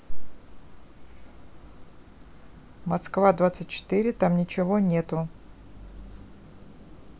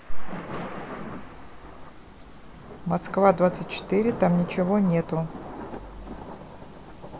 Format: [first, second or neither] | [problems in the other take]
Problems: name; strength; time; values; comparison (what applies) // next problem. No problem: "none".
first | background sound (Thunder / Rain); 13 dB below the speech